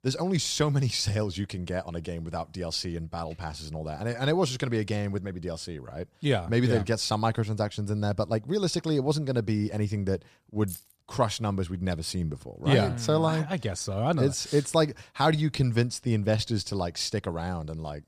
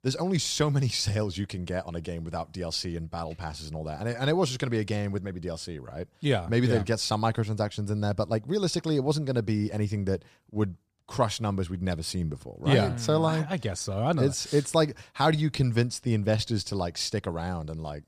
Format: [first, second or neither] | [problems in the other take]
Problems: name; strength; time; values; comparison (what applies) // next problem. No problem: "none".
second | jangling keys; faint; at 11 s; peak 15 dB below the speech